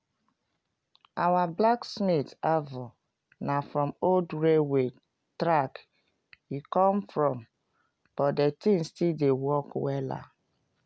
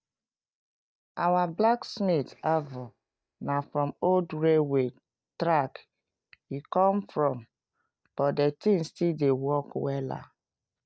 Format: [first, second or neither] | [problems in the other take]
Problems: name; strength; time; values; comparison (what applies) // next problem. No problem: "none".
first | noise reduction (neural mask model DeepFilterNet 3)